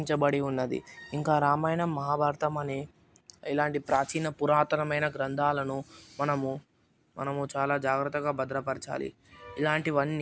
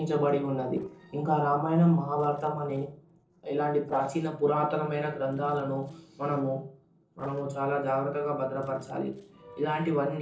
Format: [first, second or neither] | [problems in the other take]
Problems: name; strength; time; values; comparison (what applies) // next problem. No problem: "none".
first | noise reduction (neural separator model SepFormer DNS4)